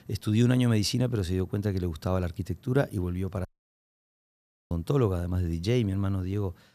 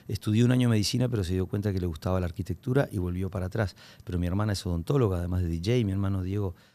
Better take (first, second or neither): second